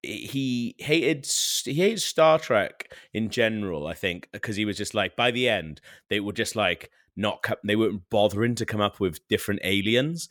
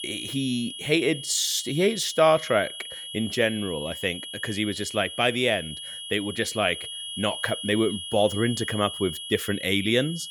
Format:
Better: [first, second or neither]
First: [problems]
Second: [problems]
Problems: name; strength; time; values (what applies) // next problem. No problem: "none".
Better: first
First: none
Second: high-pitched whine; loud; throughout; 3.5 kHz, 9 dB below the speech